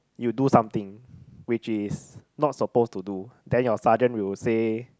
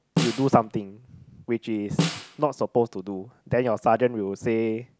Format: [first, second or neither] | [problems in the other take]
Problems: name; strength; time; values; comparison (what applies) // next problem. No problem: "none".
first | background sound (Snare drum); 6 dB below the speech